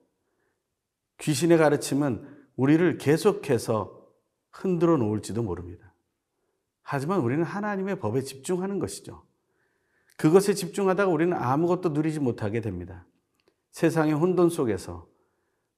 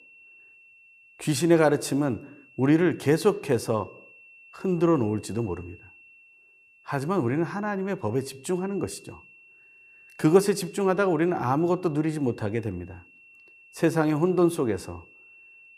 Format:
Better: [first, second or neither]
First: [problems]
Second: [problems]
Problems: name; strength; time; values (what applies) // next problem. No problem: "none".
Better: first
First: none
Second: high-pitched whine; faint; throughout; 2.5 kHz, 25 dB below the speech